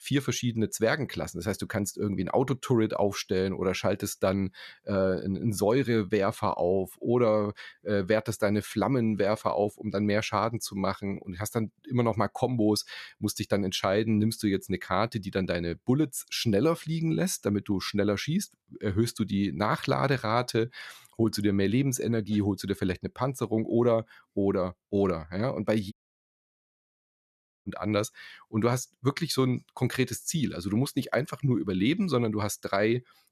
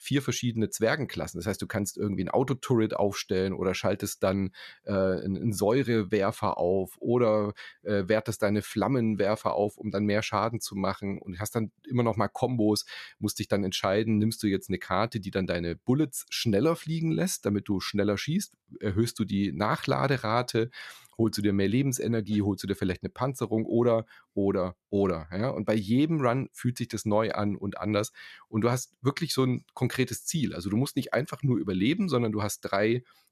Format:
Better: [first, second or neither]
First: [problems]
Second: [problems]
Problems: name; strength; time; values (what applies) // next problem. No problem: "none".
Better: second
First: audio cutting out; at 26 s for 1.5 s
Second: none